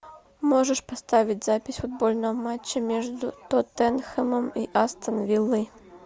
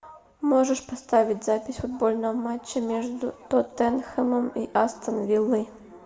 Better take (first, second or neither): first